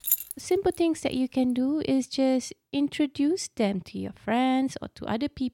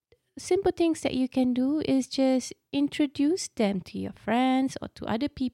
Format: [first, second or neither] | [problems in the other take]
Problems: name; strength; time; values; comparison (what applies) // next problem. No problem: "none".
second | jangling keys; loud; at the start; peak 1 dB above the speech